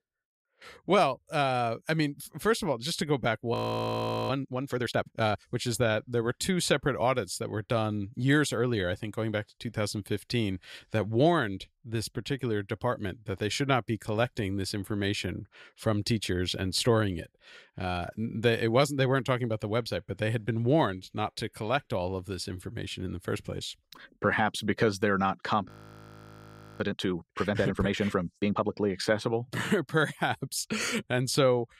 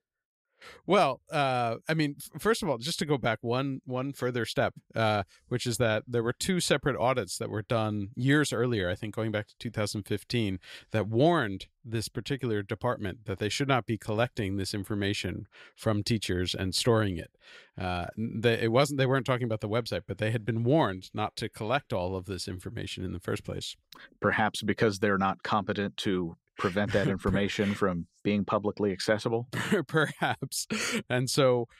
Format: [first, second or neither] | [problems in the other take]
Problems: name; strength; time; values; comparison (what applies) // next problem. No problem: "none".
second | audio freezing; at 3.5 s for 1 s and at 26 s for 1 s